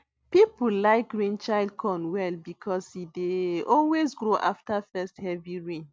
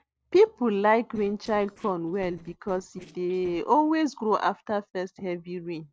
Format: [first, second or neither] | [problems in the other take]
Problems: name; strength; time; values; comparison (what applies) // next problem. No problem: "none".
first | noise reduction (neural separator model SepFormer DNS4)